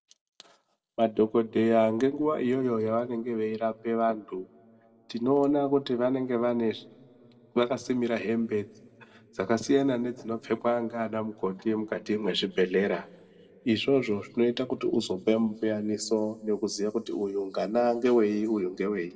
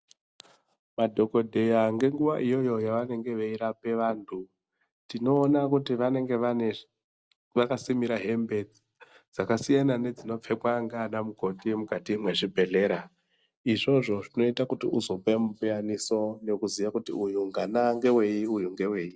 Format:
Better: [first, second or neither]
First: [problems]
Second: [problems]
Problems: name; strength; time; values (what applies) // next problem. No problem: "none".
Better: second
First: room echo; dies away in 1.6 s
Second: none